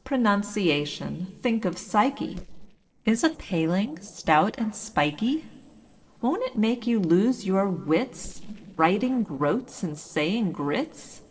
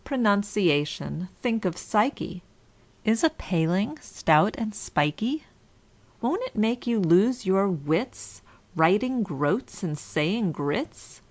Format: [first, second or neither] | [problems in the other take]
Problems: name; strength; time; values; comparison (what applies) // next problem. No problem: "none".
second | noise reduction (neural separator model SepFormer DNS4)